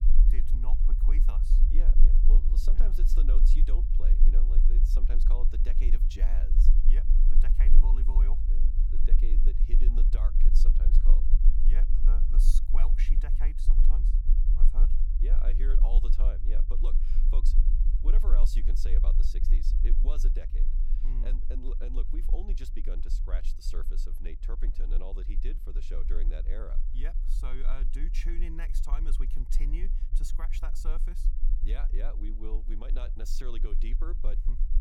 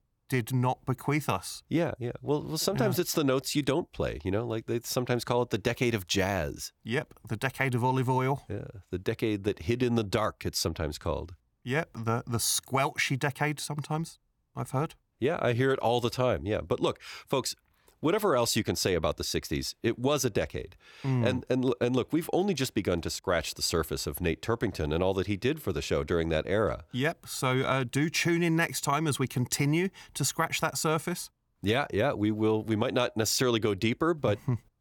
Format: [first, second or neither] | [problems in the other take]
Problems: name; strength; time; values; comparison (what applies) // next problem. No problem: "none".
second | low rumble; loud; throughout; 6 dB below the speech